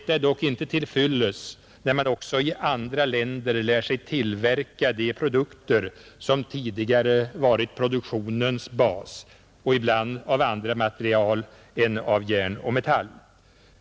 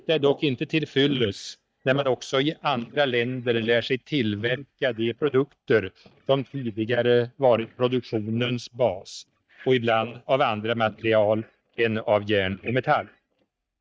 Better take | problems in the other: first | noise reduction (neural mask model DeepFilterNet 3)

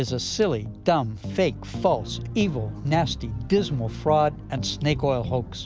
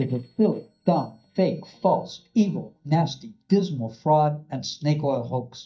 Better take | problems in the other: first | noise reduction (neural mask model DeepFilterNet 3)

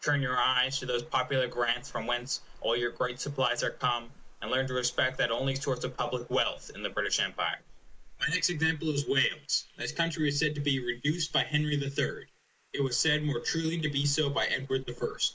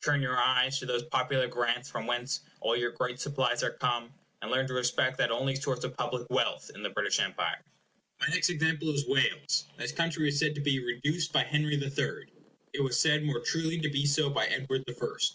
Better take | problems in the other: second | noise reduction (neural mask model Resemble Enhance denoiser)

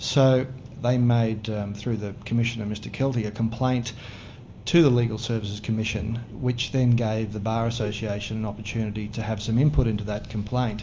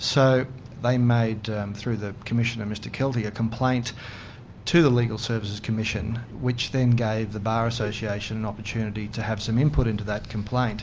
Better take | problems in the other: second | room echo; dies away in 0.3 s

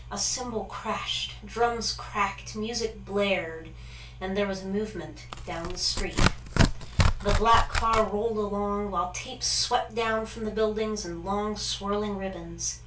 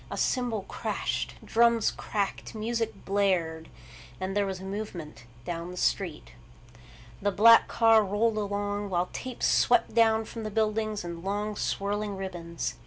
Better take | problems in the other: second | background sound (Tearing); 3 dB above the speech // room echo; dies away in 0.3 s

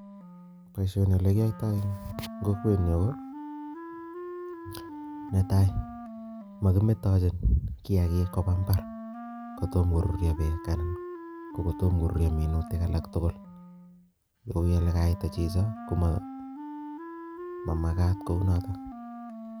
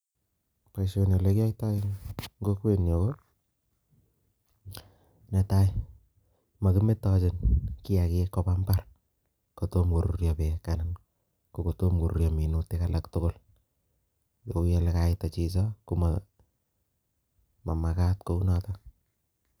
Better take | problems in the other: second | background sound (Wind instrument, woodwind instrument); 13 dB below the speech

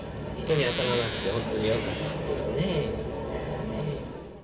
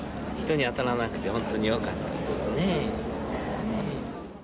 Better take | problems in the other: second | background sound (Zipper (clothing)); 6 dB below the speech // room echo; dies away in 0.2 s

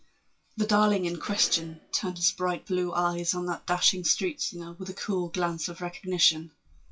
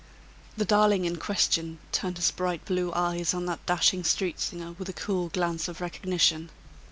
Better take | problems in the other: second | noise reduction (classical method WPE with log-MMSE)

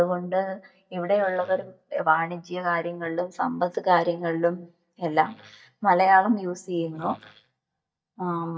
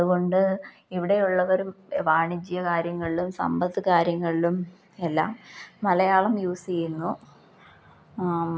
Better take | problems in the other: second | noise reduction (neural mask model DeepFilterNet 3)

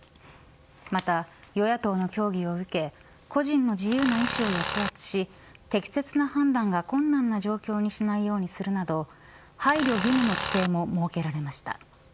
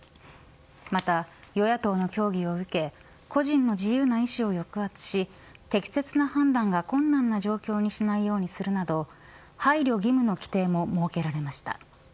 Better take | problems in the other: second | background sound (Tools); 4 dB below the speech

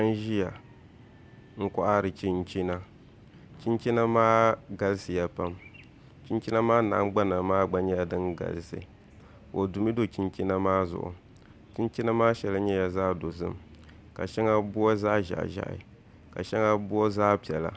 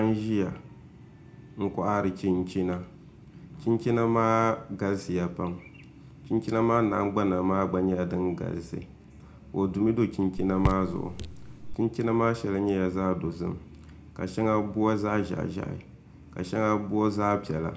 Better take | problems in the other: first | background sound (Raindrop / Drip); 4 dB below the speech // room echo; dies away in 0.3 s

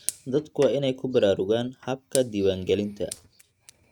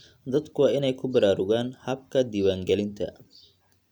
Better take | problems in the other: second | noise reduction (neural mask model RNNoise)

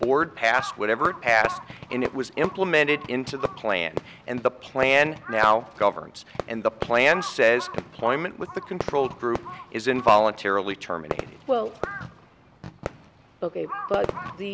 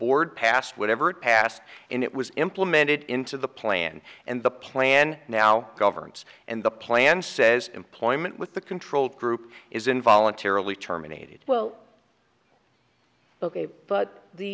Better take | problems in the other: second | background sound (Crow + Fireworks); 11 dB below the speech

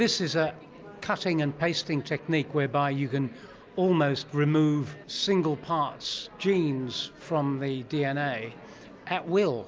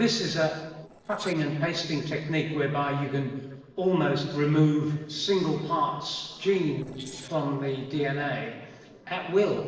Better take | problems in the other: first | noise reduction (neural separator model SepFormer DNS4)

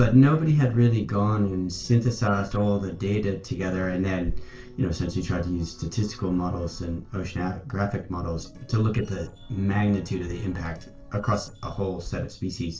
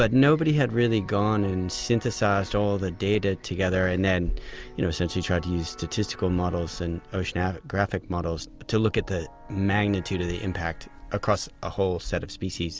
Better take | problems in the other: second | noise reduction (neural separator model SepFormer DNS4)

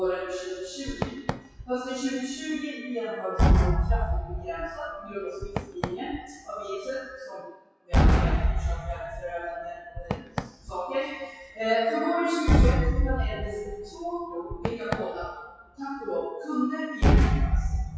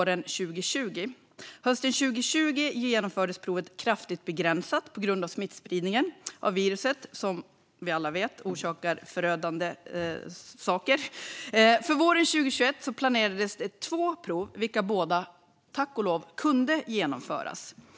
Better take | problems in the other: second | noise reduction (classical method WPE with log-MMSE)

